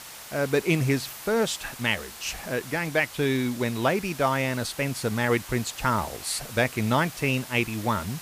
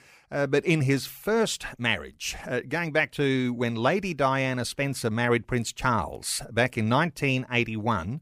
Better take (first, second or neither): second